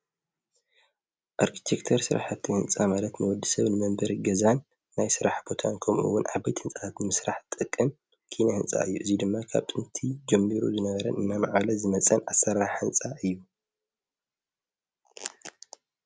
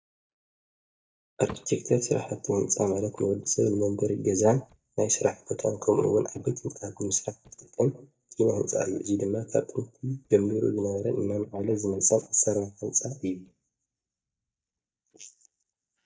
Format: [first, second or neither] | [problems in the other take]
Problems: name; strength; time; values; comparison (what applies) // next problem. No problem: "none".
first | noise reduction (neural mask model DeepFilterNet 3)